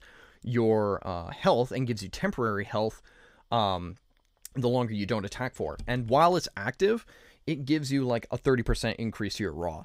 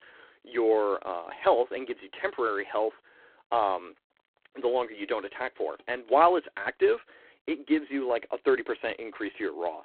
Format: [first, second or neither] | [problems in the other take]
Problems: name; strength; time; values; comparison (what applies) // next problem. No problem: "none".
first | phone-call audio; poor line; nothing above 4 kHz